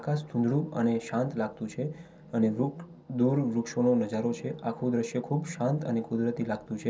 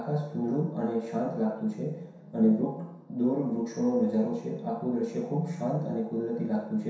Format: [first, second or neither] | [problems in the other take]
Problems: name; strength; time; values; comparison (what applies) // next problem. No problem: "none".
first | room echo; dies away in 0.7 s